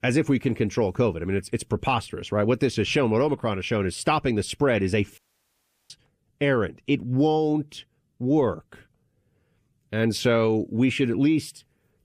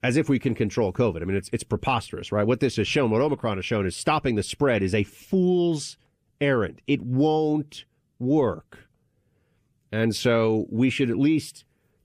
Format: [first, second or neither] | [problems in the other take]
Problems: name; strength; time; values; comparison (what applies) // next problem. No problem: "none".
second | audio cutting out; at 5 s for 0.5 s